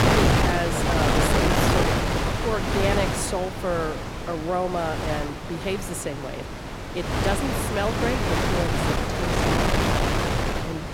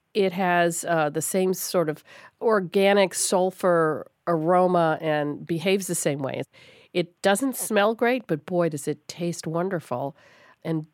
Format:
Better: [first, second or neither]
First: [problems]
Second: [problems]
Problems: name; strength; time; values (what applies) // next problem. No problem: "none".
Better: second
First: wind noise on the microphone; heavy; 4 dB above the speech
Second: none